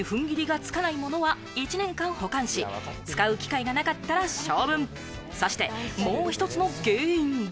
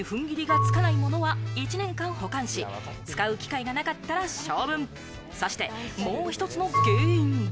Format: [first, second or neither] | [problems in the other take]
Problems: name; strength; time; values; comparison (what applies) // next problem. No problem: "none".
first | background sound (Marimba, xylophone / Wood); 1 dB above the speech